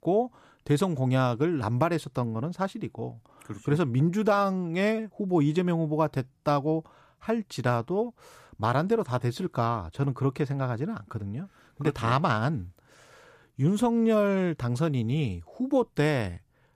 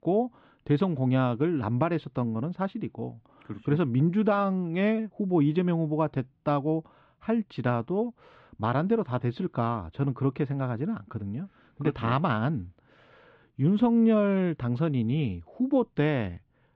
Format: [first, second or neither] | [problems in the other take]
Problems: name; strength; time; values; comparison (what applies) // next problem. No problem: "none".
first | muffled; slightly; fading above 3.5 kHz